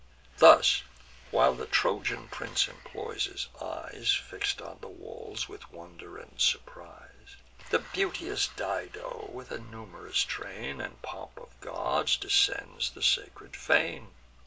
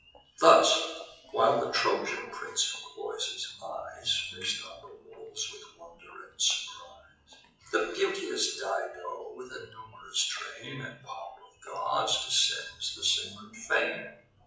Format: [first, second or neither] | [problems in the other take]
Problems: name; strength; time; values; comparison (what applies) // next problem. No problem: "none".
first | noise reduction (classical method WPE with log-MMSE)